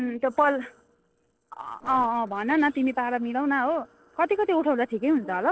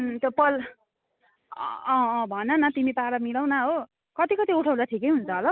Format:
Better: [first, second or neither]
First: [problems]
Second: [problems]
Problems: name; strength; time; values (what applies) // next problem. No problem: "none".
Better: second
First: noise reduction (neural separator model SepFormer DNS4)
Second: none